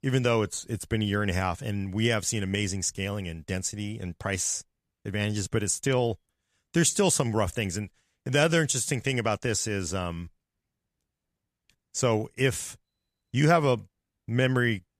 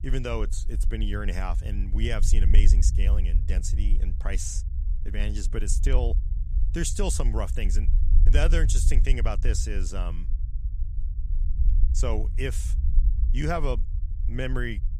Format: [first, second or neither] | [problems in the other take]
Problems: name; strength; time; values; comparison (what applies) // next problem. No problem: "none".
first | low rumble; noticeable; throughout; 15 dB below the speech